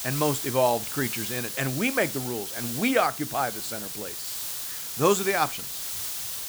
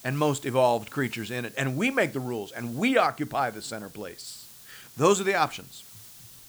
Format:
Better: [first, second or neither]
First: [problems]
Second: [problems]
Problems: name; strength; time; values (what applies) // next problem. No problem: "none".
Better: second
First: hiss; loud; throughout; 4 dB below the speech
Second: hiss; faint; throughout; 20 dB below the speech